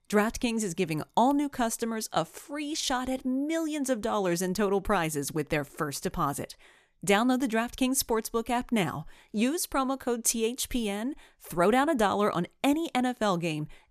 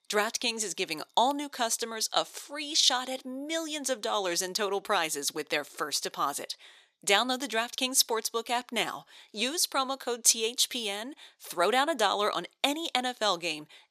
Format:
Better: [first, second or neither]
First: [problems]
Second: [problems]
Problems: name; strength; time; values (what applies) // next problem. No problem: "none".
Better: first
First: none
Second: thin; somewhat; fading below 450 Hz